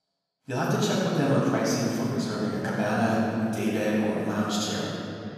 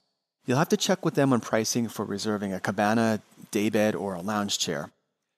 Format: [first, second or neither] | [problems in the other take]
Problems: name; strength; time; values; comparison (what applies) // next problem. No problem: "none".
second | off-mic speech; far // room echo; strong; dies away in 3 s